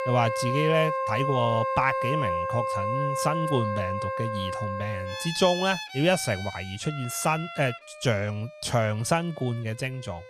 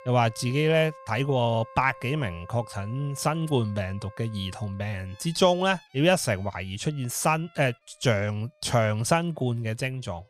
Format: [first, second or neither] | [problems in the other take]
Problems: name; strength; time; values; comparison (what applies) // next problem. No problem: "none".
second | background music; loud; throughout; 3 dB below the speech; faint in the second